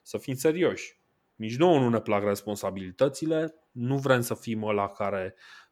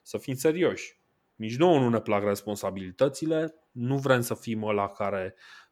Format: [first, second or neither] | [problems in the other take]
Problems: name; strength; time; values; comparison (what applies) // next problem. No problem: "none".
neither | none